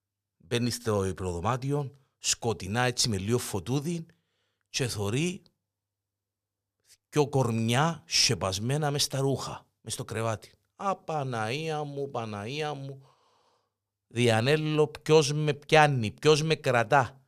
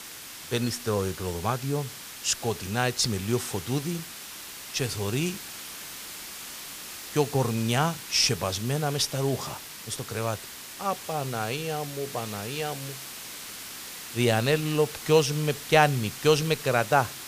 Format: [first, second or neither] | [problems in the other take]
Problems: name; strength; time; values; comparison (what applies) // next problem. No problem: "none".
first | hiss; noticeable; throughout; 10 dB below the speech